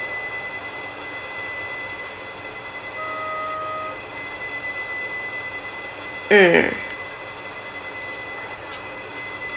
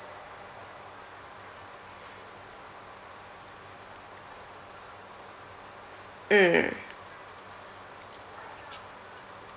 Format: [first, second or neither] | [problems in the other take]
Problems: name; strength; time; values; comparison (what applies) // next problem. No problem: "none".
second | background sound (Bowed string instrument + Wind instrument, woodwind instrument); 5 dB below the speech